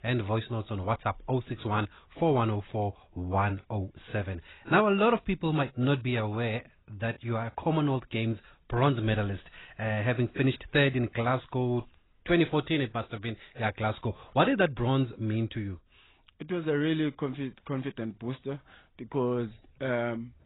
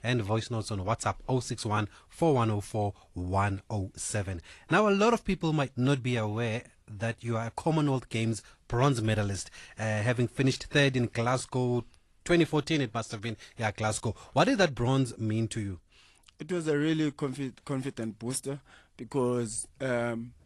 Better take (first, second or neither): second